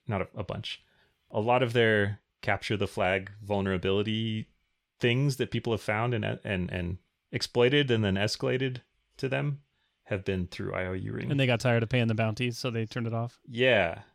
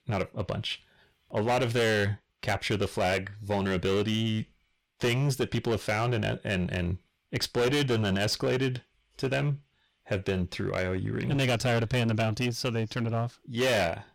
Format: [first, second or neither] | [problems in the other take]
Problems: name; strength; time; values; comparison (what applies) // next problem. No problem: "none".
first | distortion; heavy; 13% of the sound clipped